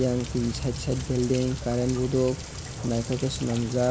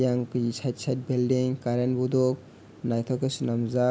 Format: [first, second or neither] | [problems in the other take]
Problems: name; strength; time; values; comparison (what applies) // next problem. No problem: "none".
second | background sound (Rain); 9 dB below the speech